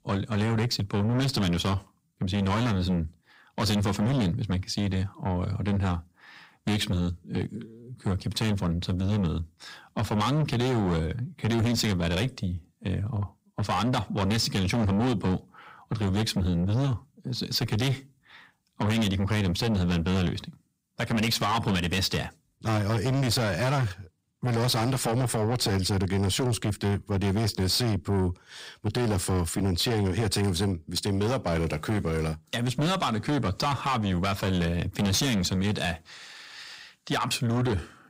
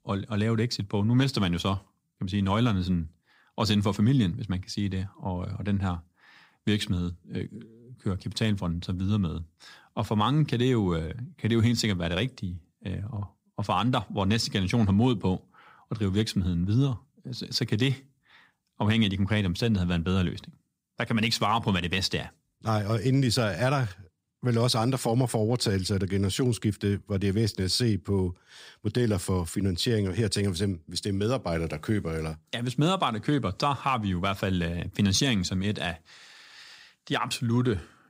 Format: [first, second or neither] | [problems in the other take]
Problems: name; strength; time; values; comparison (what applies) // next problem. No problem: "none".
second | distortion; heavy; 7 dB below the speech